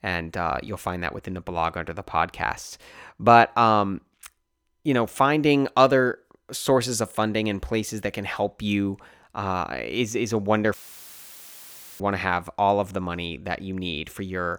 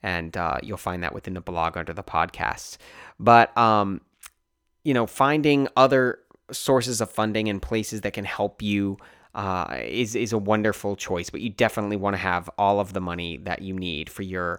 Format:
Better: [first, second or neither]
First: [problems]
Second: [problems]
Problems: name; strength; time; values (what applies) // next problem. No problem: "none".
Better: second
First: audio cutting out; filled with static; at 11 s for 1.5 s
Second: none